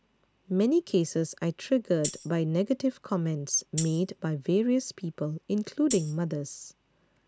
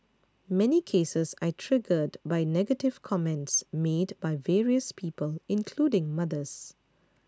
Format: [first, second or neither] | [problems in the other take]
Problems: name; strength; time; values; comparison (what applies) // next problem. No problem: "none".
second | background sound (Tambourine); 13 dB below the speech